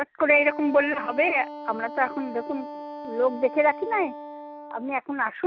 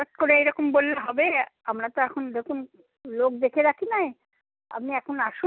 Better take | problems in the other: second | background sound (Wind instrument, woodwind instrument); 13 dB below the speech

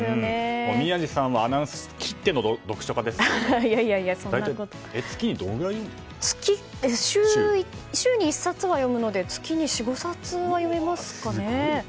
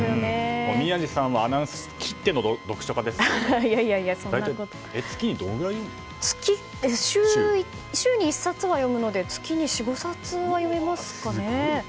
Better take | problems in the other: first | background sound (Strum + Drill); 17 dB below the speech

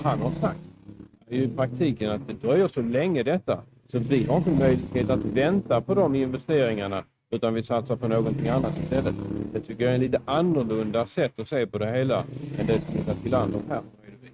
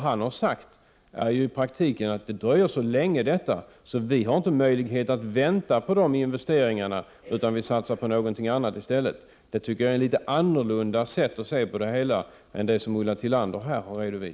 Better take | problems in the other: second | noise reduction (neural mask model RNNoise)

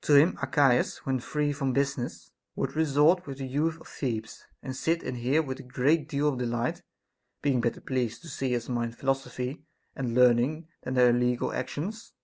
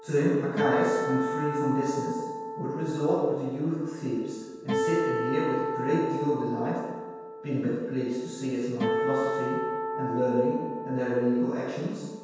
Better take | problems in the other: first | background sound (Acoustic guitar); 4 dB below the speech // room echo; dies away in 1.2 s

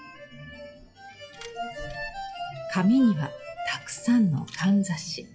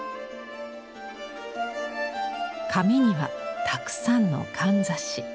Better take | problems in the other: second | noise reduction (classical method WPE with log-MMSE)

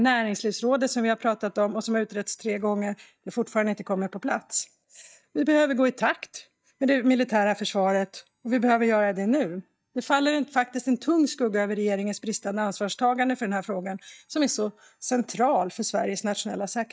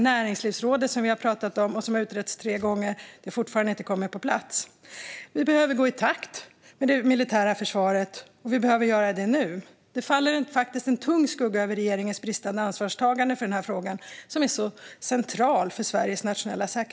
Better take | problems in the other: second | noise reduction (neural mask model DeepFilterNet 3)

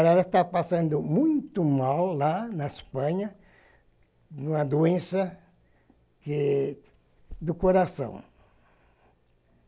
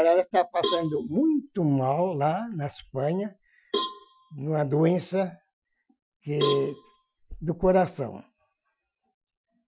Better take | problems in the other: first | noise reduction (classical method Wiener filter)

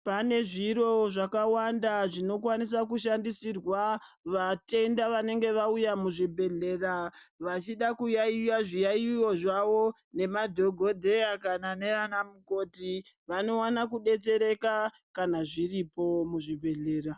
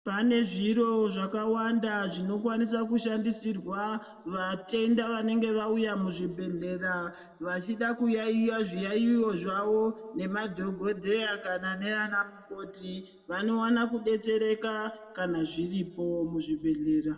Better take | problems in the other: first | room echo; dies away in 1.4 s

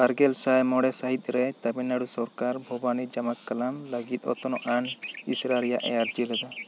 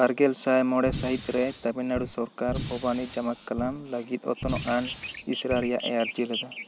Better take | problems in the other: first | background sound (Fire); 11 dB below the speech

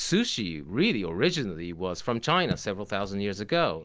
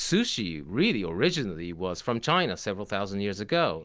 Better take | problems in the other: second | background sound (Raindrop / Drip); 14 dB below the speech

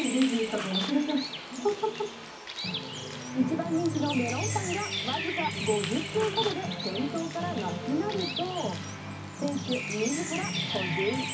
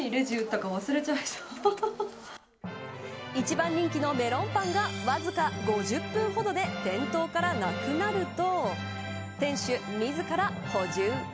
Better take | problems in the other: second | background sound (Bird); 6 dB below the speech // room echo; dies away in 0.4 s

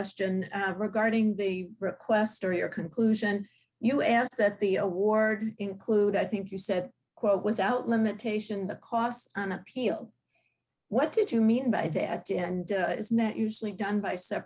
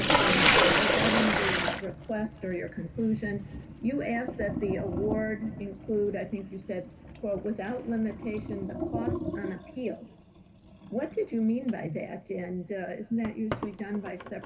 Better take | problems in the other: first | background sound (Sink (filling or washing)); 1 dB above the speech // room echo; dies away in 2.8 s

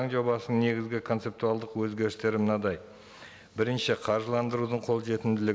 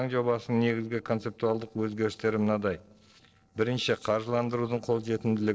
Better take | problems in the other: first | noise reduction (neural separator model SepFormer DNS4)

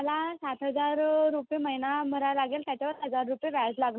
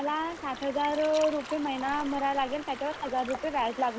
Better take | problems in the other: first | background sound (Stream + Liquid); 12 dB below the speech

